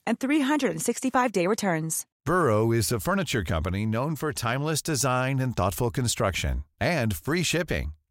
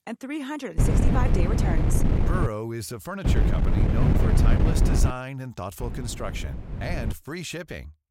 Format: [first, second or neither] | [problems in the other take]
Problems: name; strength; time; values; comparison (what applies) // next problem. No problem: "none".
first | wind noise on the microphone; heavy; from 1 to 2.5 s, from 3.5 to 5 s and from 6 to 7 s; 1 dB above the speech